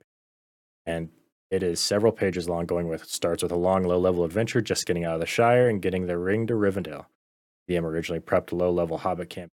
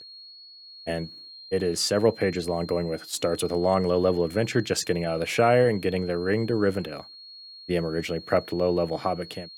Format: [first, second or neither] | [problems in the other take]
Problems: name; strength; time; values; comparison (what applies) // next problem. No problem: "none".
first | high-pitched whine; noticeable; throughout; 4 kHz, 15 dB below the speech